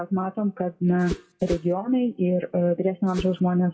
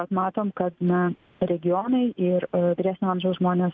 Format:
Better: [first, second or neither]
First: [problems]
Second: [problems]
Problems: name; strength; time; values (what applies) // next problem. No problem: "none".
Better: second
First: noise reduction (classical method WPE with log-MMSE)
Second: none